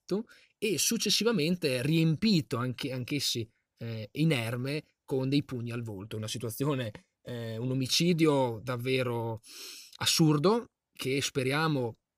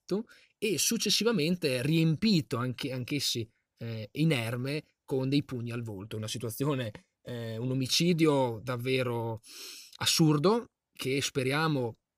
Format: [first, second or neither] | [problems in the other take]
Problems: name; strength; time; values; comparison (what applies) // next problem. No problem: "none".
neither | none